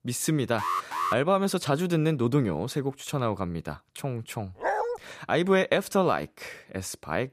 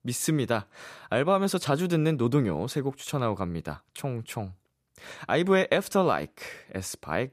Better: second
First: alarm; noticeable; at 0.5 s; peak 1 dB below the speech // dog barking; noticeable; at 4.5 s; peak 1 dB below the speech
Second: none

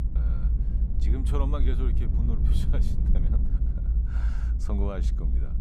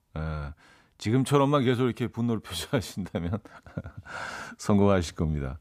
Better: second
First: low rumble; loud; throughout; 4 dB below the speech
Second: none

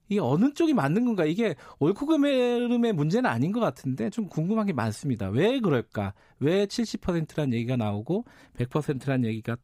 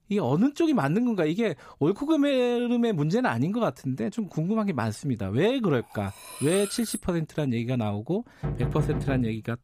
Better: first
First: none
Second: clattering dishes; noticeable; from 6 to 7 s; peak 7 dB below the speech // door banging; noticeable; at 8.5 s; peak 3 dB below the speech

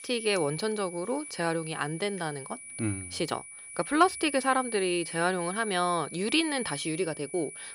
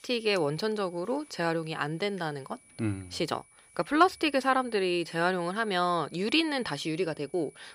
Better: second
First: high-pitched whine; loud; throughout; 10 kHz, 10 dB below the speech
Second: high-pitched whine; faint; throughout; 10 kHz, 25 dB below the speech

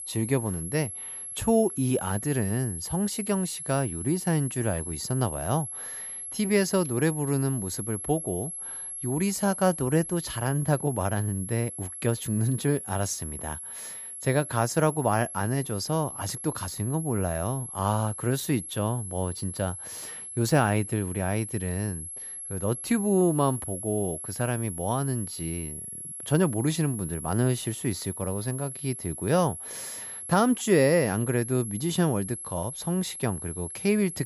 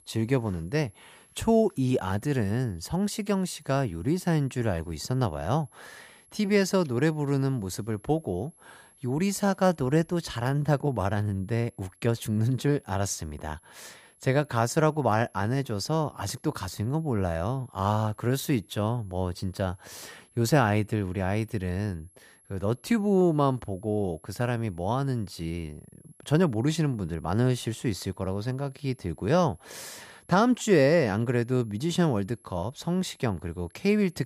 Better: second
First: high-pitched whine; loud; throughout; 11 kHz, 8 dB below the speech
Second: high-pitched whine; faint; throughout; 11 kHz, 30 dB below the speech

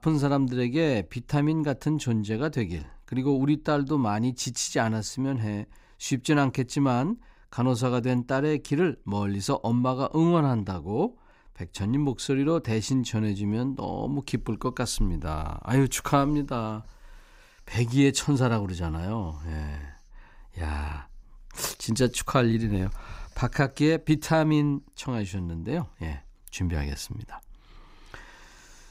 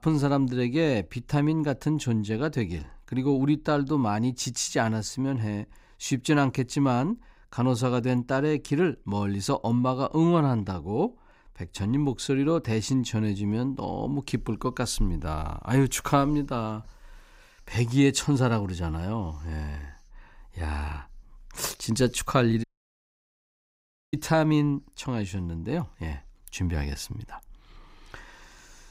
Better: first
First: none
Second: audio cutting out; at 23 s for 1.5 s

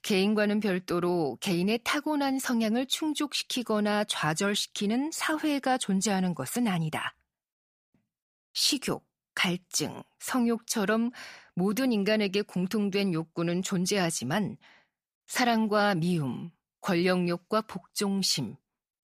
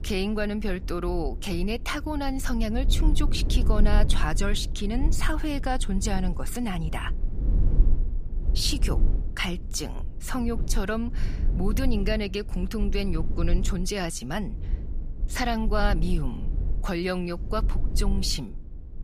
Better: first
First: none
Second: low rumble; noticeable; throughout; 15 dB below the speech

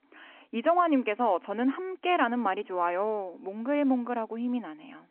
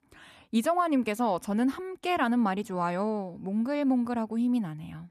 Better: second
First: phone-call audio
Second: none

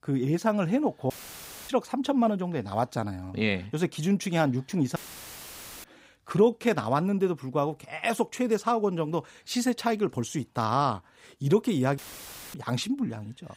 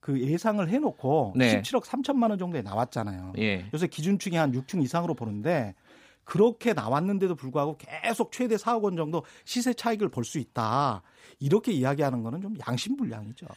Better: second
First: audio cutting out; filled with static; at 1 s for 0.5 s, at 5 s for 1 s and at 12 s for 0.5 s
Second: none

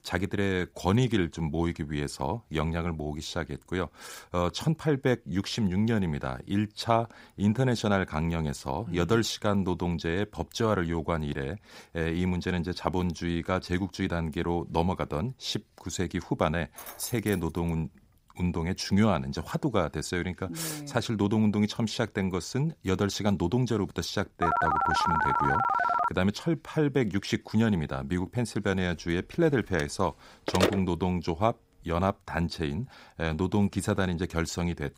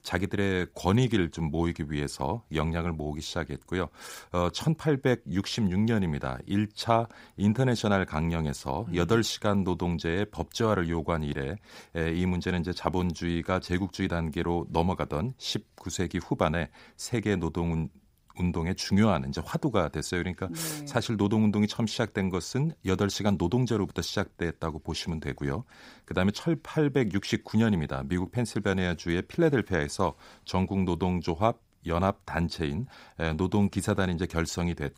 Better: second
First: jangling keys; noticeable; at 17 s; peak 8 dB below the speech // phone ringing; loud; from 24 to 26 s and from 30 to 31 s; peak 4 dB above the speech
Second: none

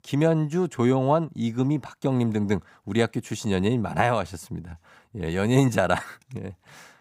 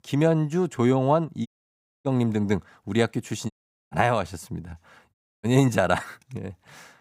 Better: first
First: none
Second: audio cutting out; at 1.5 s for 0.5 s, at 3.5 s and at 5 s

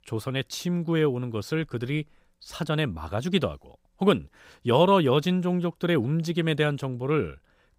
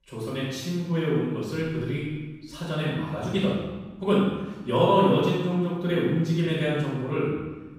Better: first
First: none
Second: off-mic speech; far // room echo; strong; dies away in 1 s

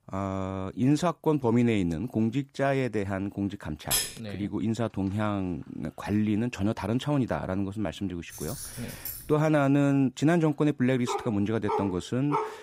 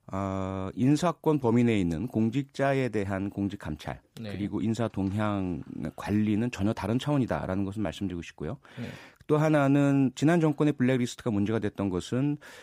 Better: second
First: clattering dishes; loud; at 4 s; peak 1 dB above the speech // jangling keys; noticeable; from 8.5 to 9.5 s; peak 9 dB below the speech // dog barking; noticeable; from 11 s on; peak 4 dB below the speech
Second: none

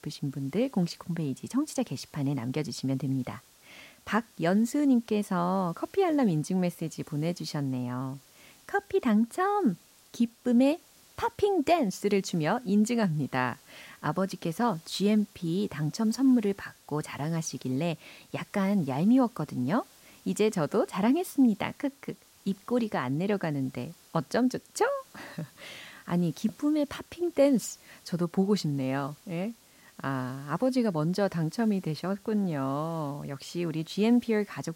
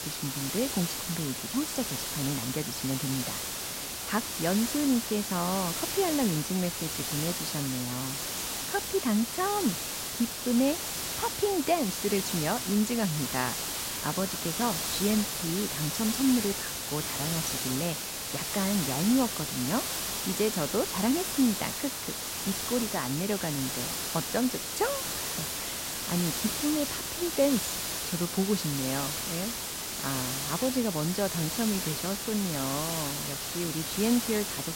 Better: first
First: hiss; faint; throughout; 25 dB below the speech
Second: hiss; loud; throughout; 1 dB below the speech

